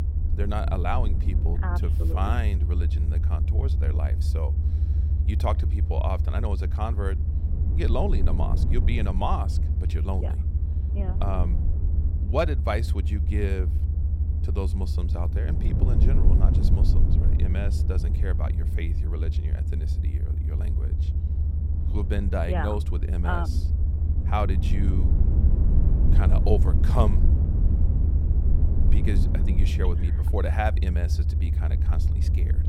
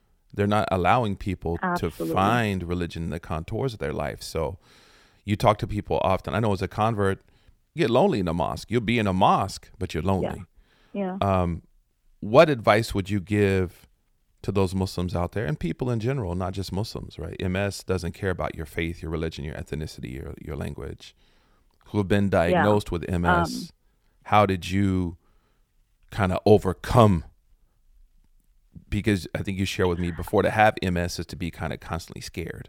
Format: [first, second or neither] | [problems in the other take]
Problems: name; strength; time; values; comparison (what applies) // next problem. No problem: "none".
second | low rumble; loud; throughout; 7 dB below the speech